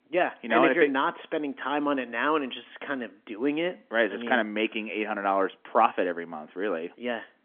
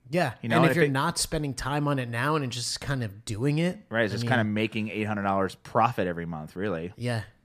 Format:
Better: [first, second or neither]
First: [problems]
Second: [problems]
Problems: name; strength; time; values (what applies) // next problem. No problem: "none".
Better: second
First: phone-call audio; nothing above 3.5 kHz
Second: none